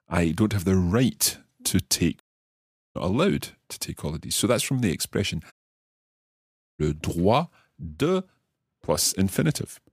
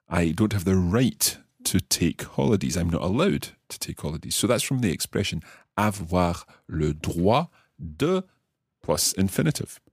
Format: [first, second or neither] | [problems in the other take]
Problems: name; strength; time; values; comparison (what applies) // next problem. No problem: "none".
second | audio cutting out; at 2 s for 1 s and at 5.5 s for 1.5 s